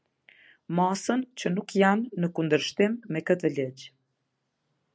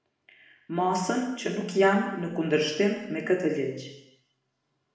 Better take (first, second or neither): first